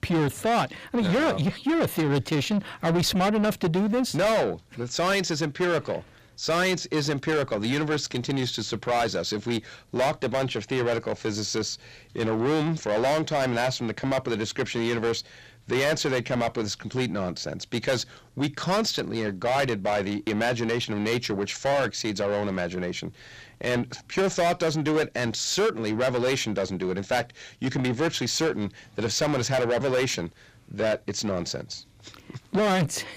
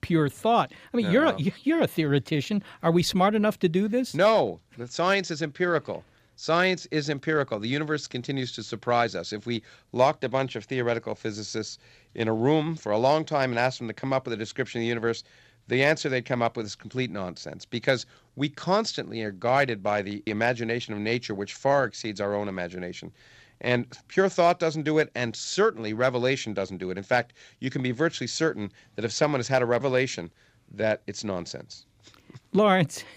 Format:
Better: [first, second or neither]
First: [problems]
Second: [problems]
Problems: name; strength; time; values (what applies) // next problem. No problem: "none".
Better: second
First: distortion; heavy; 6 dB below the speech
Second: none